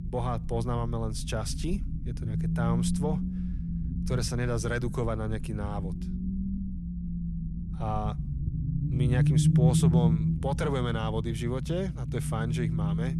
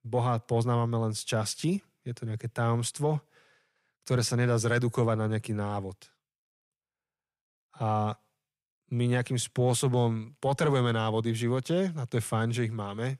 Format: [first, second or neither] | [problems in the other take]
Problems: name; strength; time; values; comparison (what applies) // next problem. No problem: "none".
second | low rumble; loud; throughout; 5 dB below the speech